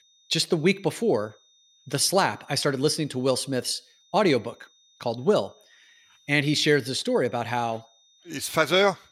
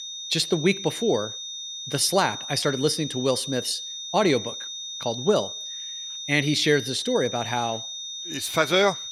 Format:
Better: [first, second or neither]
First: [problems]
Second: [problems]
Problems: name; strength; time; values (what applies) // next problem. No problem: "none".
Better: first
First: high-pitched whine; faint; throughout; 3.5 kHz, 35 dB below the speech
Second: high-pitched whine; loud; throughout; 3.5 kHz, 8 dB below the speech